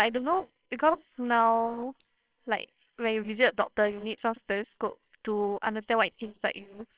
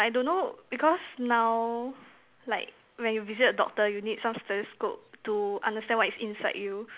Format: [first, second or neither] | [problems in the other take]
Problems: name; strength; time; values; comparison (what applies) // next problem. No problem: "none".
second | noise reduction (neural separator model SepFormer WHAMR!)